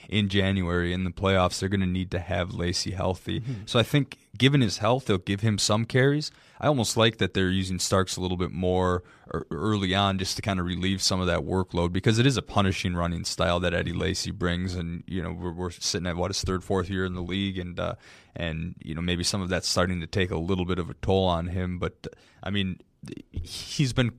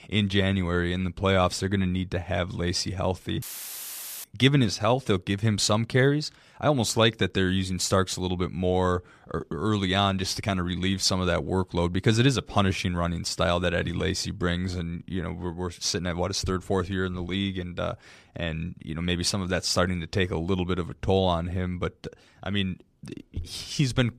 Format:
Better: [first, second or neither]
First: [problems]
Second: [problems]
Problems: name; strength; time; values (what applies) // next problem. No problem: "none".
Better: first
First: none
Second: audio cutting out; filled with static; at 3.5 s for 1 s